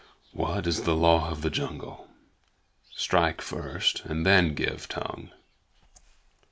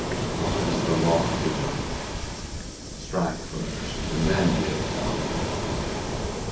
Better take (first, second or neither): first